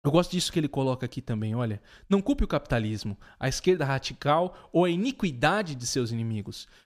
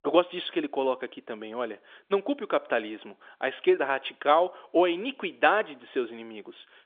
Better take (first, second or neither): first